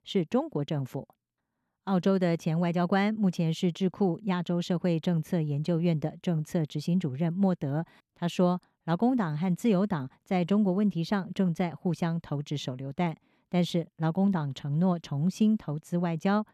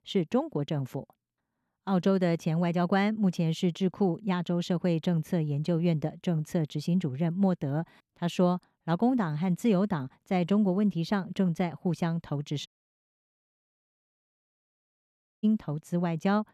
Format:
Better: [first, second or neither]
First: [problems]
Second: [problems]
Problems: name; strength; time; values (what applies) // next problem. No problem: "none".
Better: first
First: none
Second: audio cutting out; at 13 s for 3 s